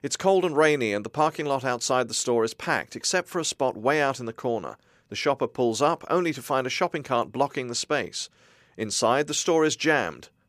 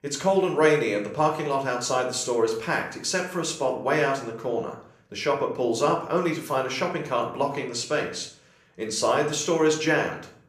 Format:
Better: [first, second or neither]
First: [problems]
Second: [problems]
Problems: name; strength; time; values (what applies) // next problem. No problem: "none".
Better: first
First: none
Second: room echo; slight; dies away in 0.5 s // off-mic speech; somewhat distant